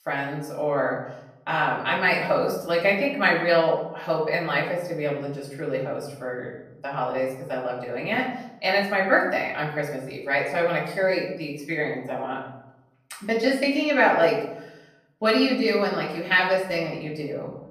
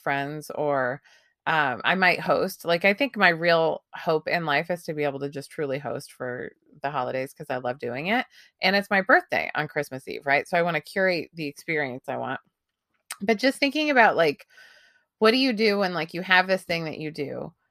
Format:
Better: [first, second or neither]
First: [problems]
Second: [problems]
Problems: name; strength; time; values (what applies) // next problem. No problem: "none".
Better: second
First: off-mic speech; far // room echo; noticeable; dies away in 0.7 s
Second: none